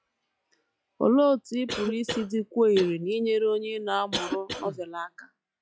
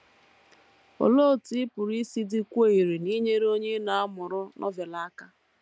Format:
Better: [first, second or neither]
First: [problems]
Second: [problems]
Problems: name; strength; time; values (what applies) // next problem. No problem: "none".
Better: second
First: noise reduction (classical method log-MMSE)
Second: none